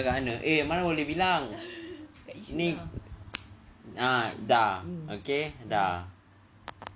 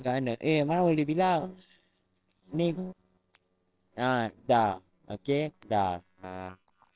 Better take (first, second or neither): first